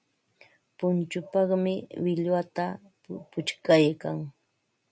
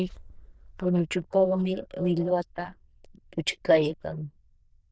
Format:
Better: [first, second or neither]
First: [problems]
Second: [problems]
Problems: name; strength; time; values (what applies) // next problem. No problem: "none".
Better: first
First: none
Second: noise reduction (neural diffusion model UNIVERSE++)